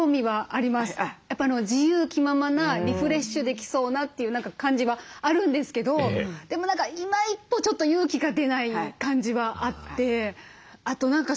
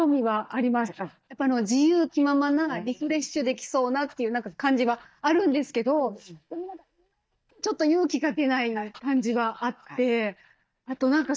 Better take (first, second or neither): first